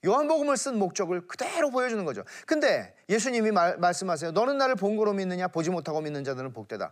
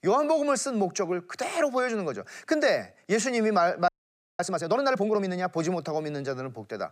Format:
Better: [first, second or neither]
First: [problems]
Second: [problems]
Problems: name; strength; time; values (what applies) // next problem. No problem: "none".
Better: first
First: none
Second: audio freezing; at 4 s for 0.5 s